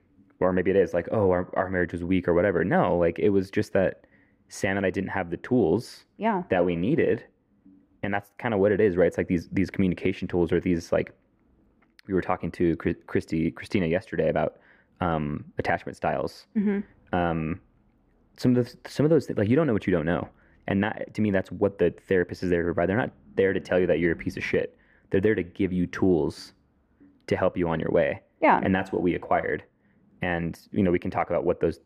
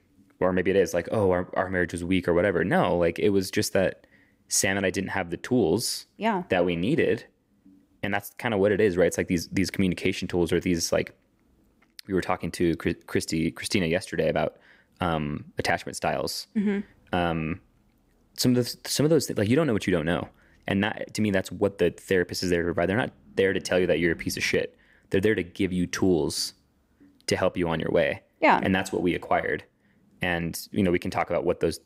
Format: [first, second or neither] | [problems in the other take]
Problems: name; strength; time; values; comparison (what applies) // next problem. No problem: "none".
second | muffled; very; fading above 3.5 kHz